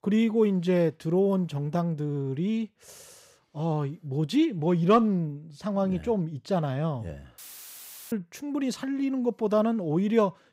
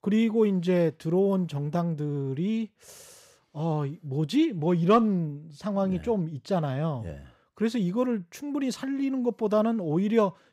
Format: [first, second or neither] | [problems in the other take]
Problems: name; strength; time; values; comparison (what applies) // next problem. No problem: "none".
second | audio cutting out; filled with static; at 7.5 s for 0.5 s